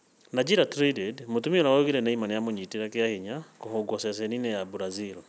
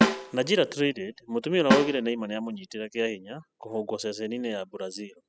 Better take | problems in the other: first | noise reduction (classical method spectral subtraction)

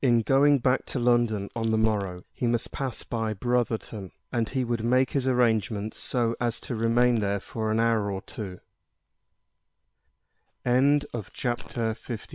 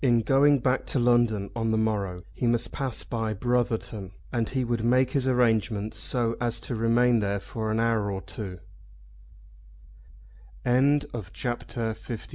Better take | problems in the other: second | noise reduction (neural separator model SepFormer WHAM!)

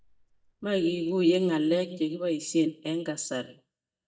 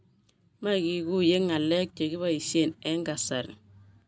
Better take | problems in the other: second | noise reduction (neural mask model DeepFilterNet 3)

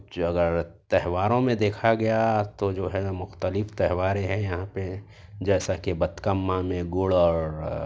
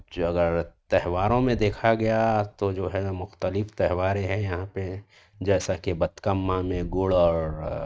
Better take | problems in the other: first | noise reduction (neural mask model RNNoise)

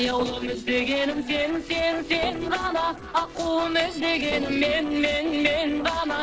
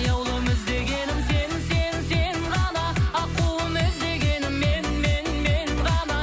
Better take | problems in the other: second | noise reduction (neural separator model SepFormer DNS4)

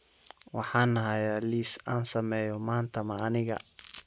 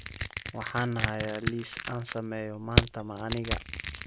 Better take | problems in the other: first | background sound (Crushing); 2 dB above the speech

